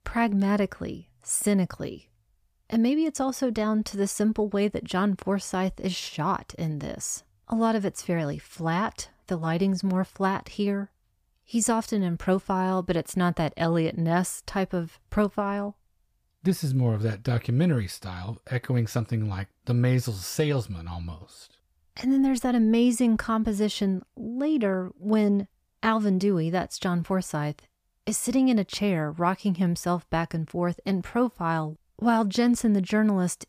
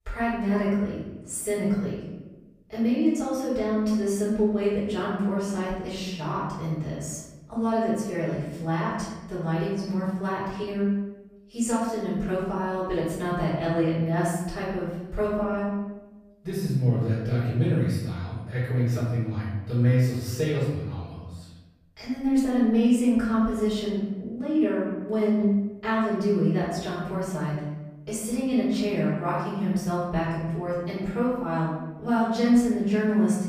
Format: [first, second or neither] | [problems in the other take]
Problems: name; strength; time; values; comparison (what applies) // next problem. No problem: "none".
first | off-mic speech; far // room echo; noticeable; dies away in 1.1 s